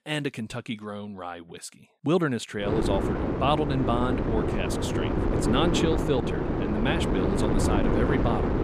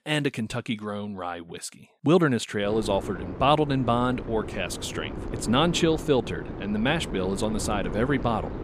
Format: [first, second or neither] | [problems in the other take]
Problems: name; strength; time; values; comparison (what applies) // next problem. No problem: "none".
second | wind noise on the microphone; heavy; from 2.5 s on; as loud as the speech; occasional gusts in the second